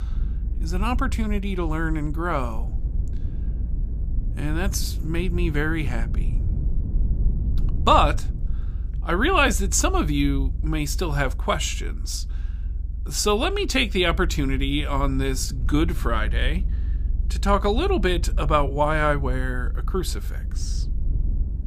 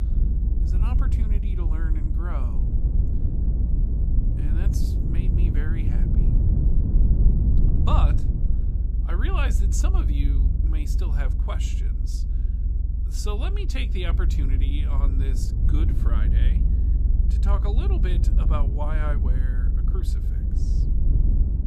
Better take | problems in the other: first | low rumble; loud; throughout; 3 dB below the speech; faint in the first

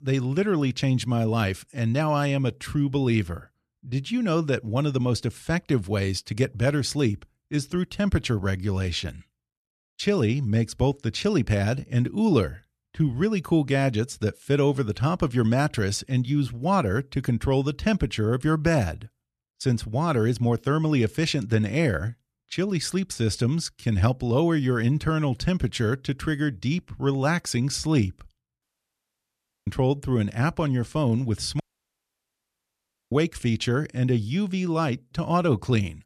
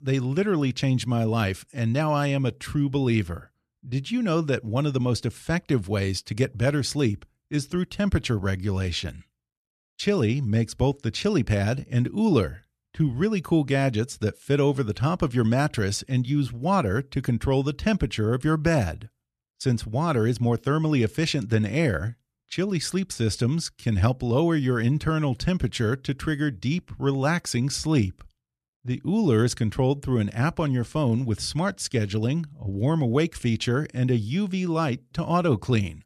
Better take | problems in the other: second | audio cutting out; at 29 s for 1 s and at 32 s for 1.5 s

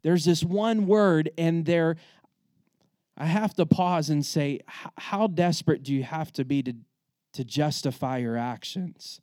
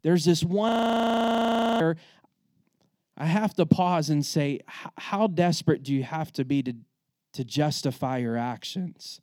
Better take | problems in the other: first | audio freezing; at 0.5 s for 1 s

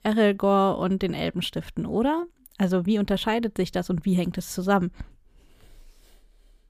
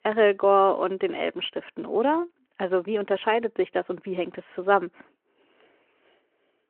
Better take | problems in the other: first | phone-call audio

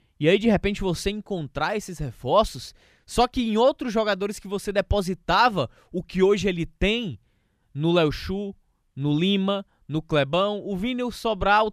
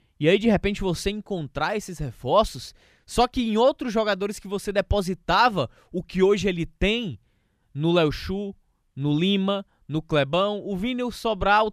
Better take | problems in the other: neither | none

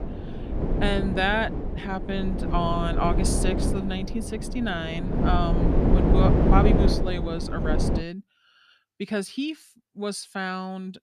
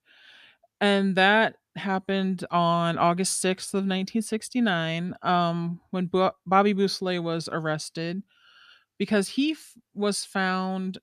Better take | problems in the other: second | wind noise on the microphone; heavy; until 8 s; 3 dB below the speech

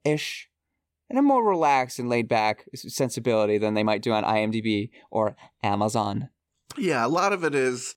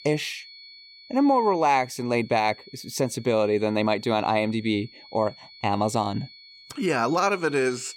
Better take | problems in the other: first | high-pitched whine; faint; throughout; 4.5 kHz, 20 dB below the speech

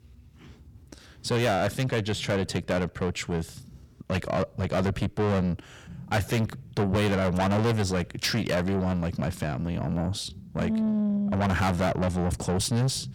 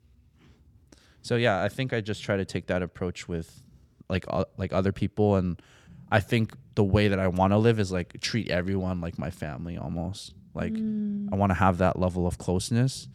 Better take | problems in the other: second | distortion; heavy; 5 dB below the speech

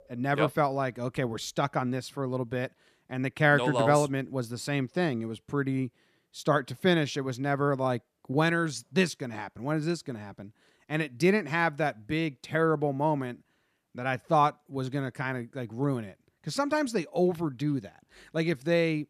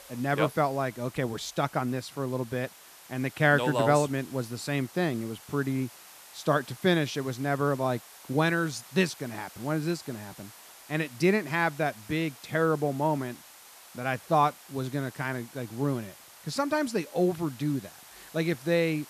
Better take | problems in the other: first | hiss; noticeable; throughout; 20 dB below the speech

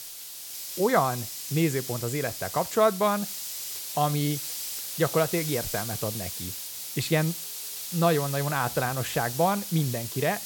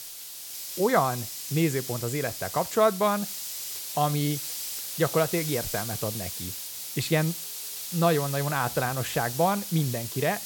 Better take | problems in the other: neither | hiss; loud; throughout; 6 dB below the speech; the same in both

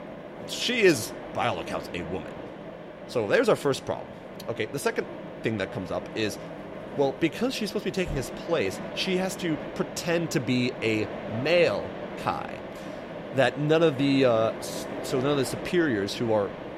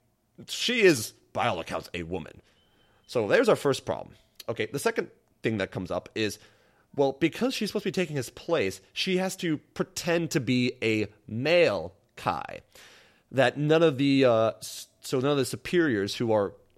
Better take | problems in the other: second | machinery noise; noticeable; throughout; 10 dB below the speech

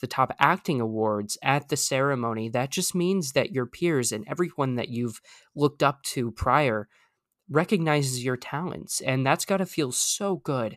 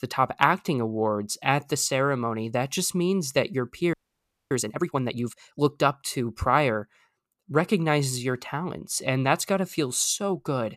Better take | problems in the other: first | audio freezing; at 4 s for 0.5 s

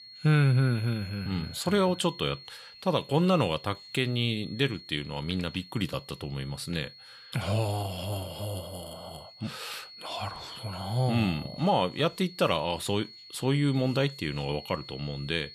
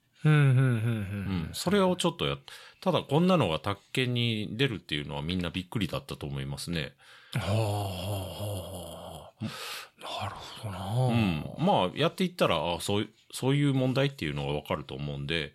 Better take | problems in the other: second | high-pitched whine; noticeable; throughout; 4.5 kHz, 15 dB below the speech

